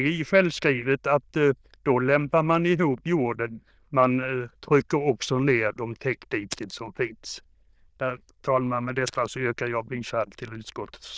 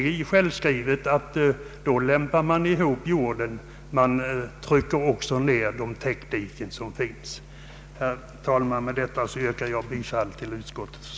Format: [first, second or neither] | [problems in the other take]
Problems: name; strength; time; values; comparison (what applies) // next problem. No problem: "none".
second | noise reduction (neural diffusion model UNIVERSE++)